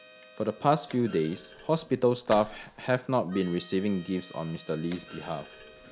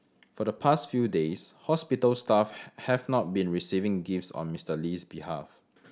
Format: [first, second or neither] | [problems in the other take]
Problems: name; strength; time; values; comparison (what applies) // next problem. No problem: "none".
second | background sound (Thump, thud + Harmonica); 19 dB below the speech